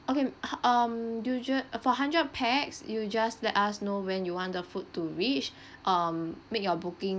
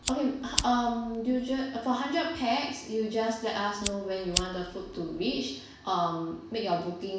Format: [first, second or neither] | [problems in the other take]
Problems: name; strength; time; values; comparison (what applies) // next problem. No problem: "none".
first | background sound (Fire); 6 dB below the speech // room echo; dies away in 0.7 s